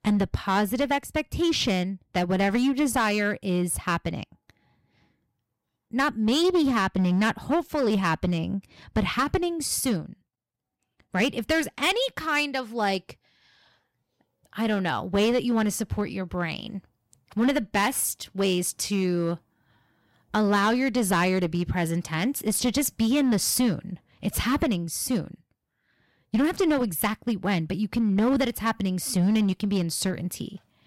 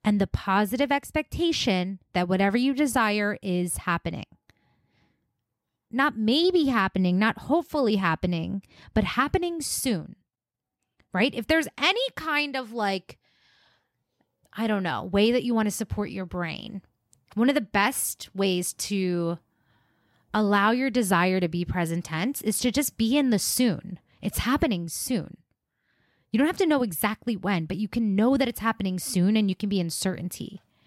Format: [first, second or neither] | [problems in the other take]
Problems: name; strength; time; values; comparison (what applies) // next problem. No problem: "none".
second | distortion; slight; 6% of the sound clipped